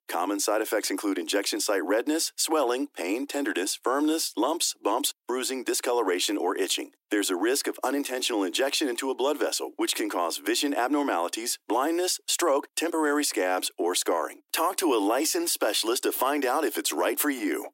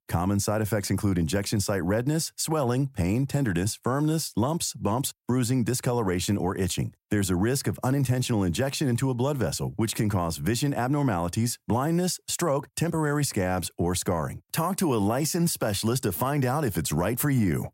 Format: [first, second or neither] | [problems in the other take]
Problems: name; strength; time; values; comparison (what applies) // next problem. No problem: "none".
second | thin; somewhat; fading below 300 Hz